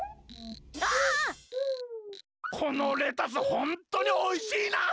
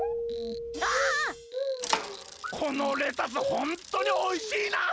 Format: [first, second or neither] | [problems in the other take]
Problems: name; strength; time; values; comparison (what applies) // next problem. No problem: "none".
first | background sound (Bicycle + Keyboard (musical)); 8 dB below the speech